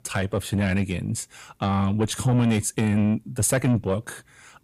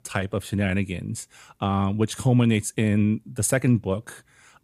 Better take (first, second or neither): second